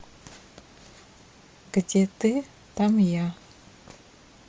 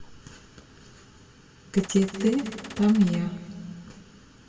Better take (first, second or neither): first